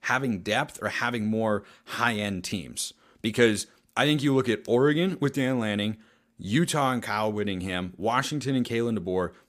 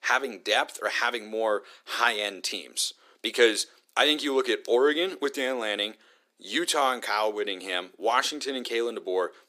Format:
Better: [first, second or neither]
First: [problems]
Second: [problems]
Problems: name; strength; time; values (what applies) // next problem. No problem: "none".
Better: first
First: none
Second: thin; somewhat; fading below 350 Hz